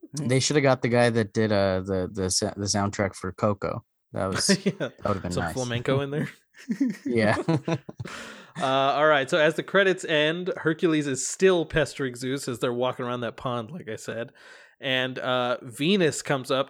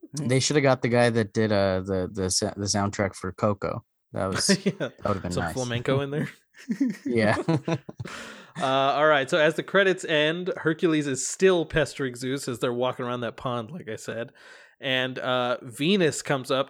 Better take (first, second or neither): neither